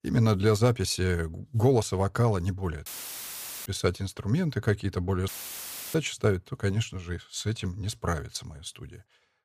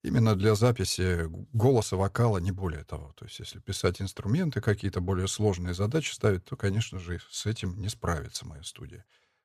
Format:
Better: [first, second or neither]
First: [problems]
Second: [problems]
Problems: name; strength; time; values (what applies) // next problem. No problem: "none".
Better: second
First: audio cutting out; filled with static; at 3 s for 1 s and at 5.5 s for 0.5 s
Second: none